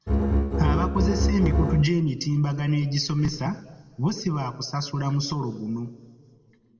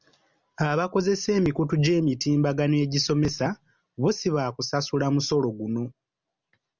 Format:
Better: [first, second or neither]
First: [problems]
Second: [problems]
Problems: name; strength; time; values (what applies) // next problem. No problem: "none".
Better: second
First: background sound (Bowed string instrument); 4 dB above the speech // room echo; dies away in 1.9 s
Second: none